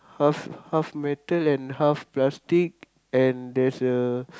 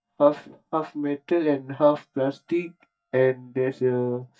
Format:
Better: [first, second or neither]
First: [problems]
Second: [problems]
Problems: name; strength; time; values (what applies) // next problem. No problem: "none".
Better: first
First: none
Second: noise reduction (neural mask model DeepFilterNet 3)